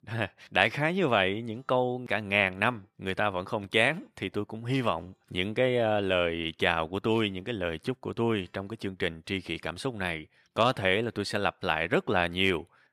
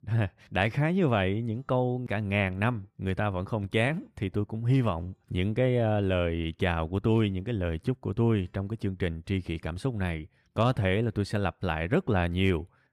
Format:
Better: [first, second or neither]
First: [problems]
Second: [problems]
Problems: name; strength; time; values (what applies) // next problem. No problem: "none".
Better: second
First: thin; somewhat; fading below 1 kHz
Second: none